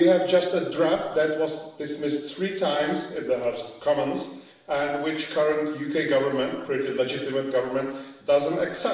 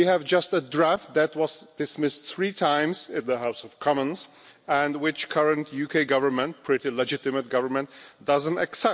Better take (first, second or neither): second